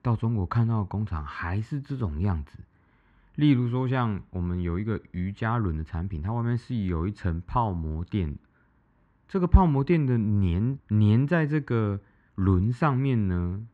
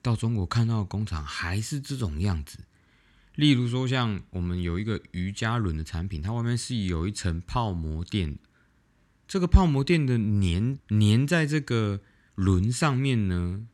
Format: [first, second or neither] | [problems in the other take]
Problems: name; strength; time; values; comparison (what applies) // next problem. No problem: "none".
second | muffled; very; fading above 3.5 kHz